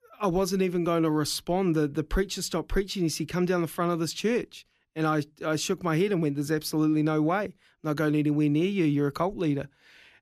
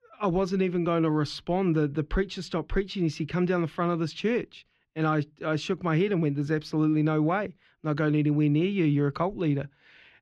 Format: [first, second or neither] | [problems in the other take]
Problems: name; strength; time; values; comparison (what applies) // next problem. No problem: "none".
first | muffled; very slightly; fading above 3 kHz